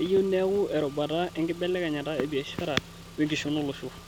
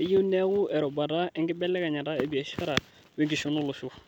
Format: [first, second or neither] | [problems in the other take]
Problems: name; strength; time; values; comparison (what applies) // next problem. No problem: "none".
second | background sound (Engine / Car); 18 dB below the speech